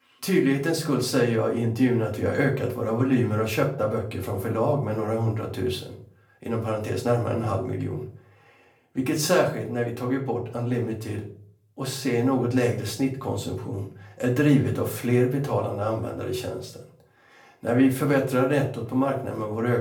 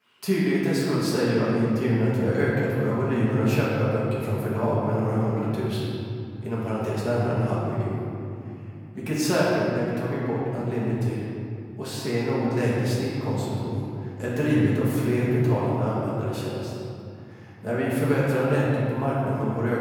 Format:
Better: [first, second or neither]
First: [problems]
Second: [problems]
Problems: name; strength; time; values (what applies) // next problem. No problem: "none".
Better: first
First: room echo; slight; dies away in 0.4 s // off-mic speech; far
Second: room echo; strong; dies away in 2.7 s // off-mic speech; far